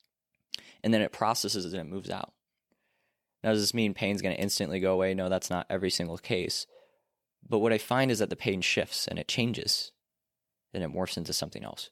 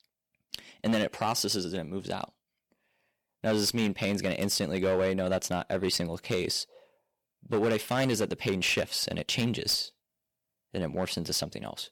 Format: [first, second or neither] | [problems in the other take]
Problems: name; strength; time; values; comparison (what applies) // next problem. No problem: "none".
first | distortion; slight; 5% of the sound clipped